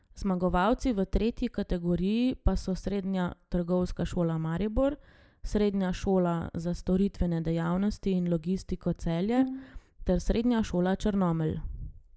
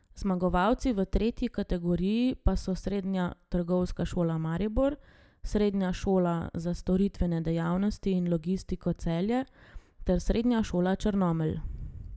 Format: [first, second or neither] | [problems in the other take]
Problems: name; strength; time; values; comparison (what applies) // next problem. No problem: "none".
second | noise reduction (neural mask model Resemble Enhance denoiser)